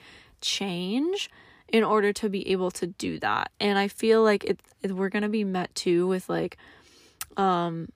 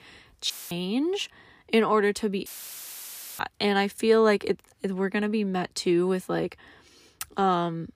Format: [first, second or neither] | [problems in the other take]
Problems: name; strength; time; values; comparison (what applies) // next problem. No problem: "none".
first | audio cutting out; filled with static; at 0.5 s and at 2.5 s for 1 s